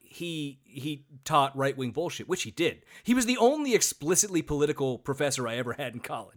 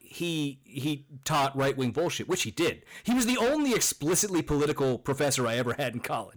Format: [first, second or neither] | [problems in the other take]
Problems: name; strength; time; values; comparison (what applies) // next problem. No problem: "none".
first | distortion; heavy; 15% of the sound clipped